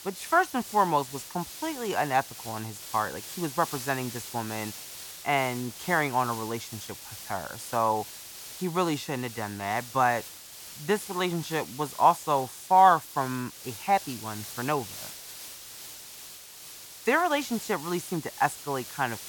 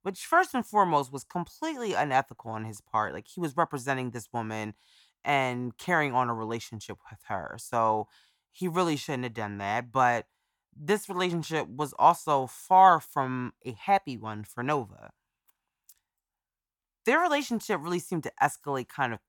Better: second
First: hiss; noticeable; throughout; 10 dB below the speech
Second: none

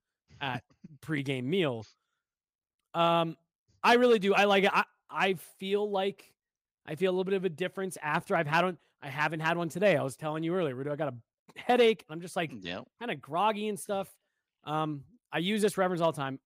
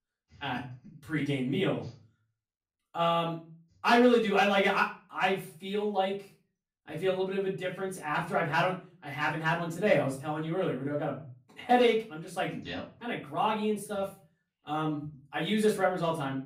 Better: first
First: none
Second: off-mic speech; far // room echo; slight; dies away in 0.3 s

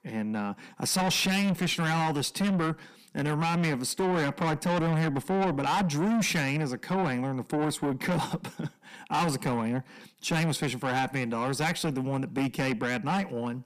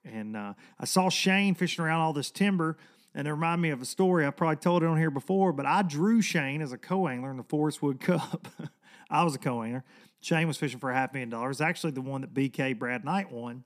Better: second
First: distortion; heavy; 6 dB below the speech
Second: none

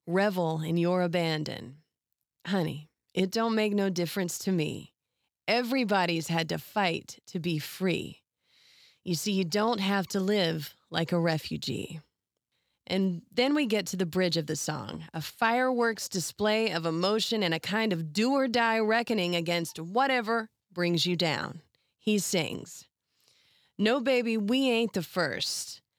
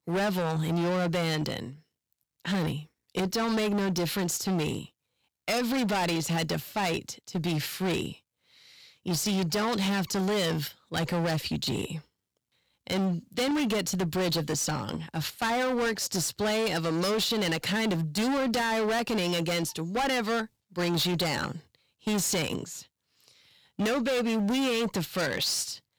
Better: first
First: none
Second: distortion; heavy; 23% of the sound clipped

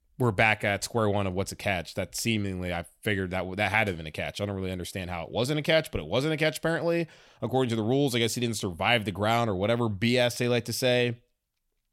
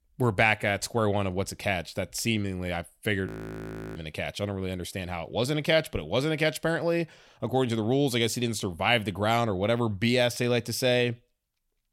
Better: first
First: none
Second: audio freezing; at 3.5 s for 0.5 s

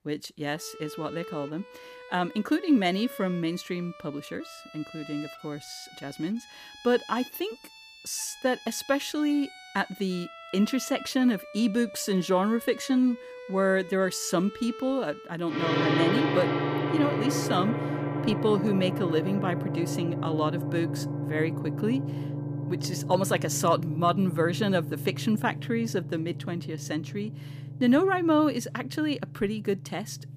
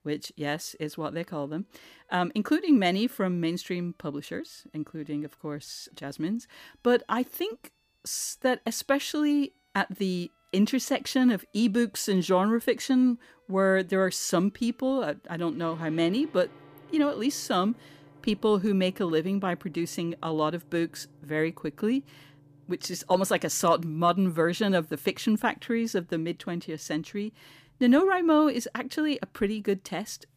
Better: second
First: background music; loud; throughout; 5 dB below the speech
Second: background music; faint; throughout; 30 dB below the speech

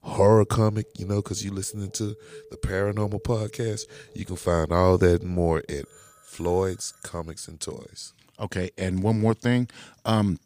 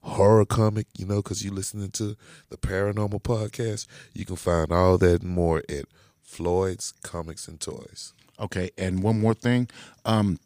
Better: second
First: alarms or sirens; faint; until 7 s; 20 dB below the speech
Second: none

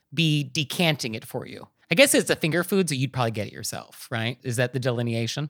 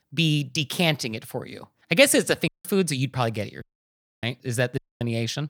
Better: first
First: none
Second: audio cutting out; at 2.5 s, at 3.5 s for 0.5 s and at 5 s

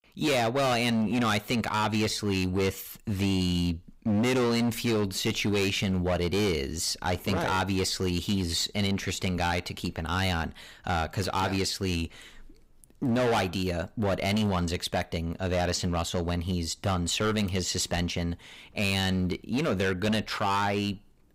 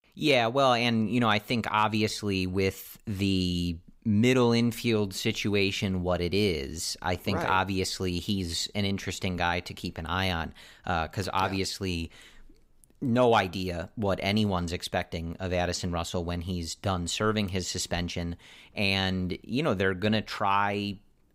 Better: second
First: distortion; heavy; 13% of the sound clipped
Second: none

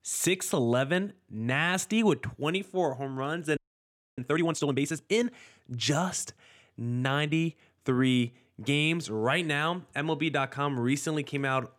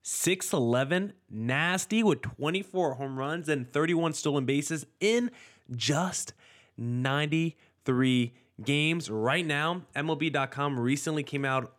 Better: second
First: audio freezing; at 3.5 s for 0.5 s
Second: none

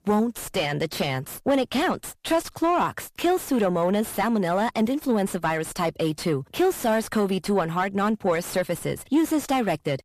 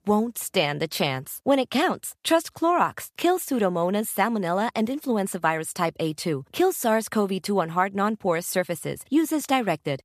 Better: second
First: distortion; slight; 9 dB below the speech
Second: none

